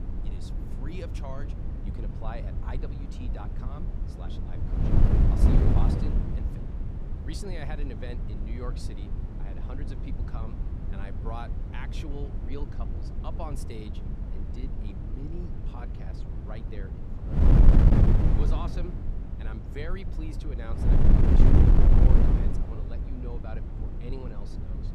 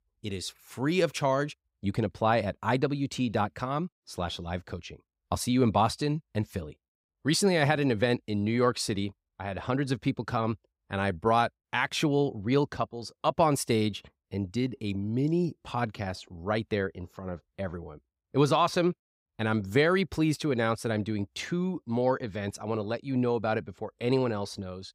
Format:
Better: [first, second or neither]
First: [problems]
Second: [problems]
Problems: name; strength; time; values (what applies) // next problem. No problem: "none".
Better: second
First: wind noise on the microphone; heavy; 5 dB above the speech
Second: none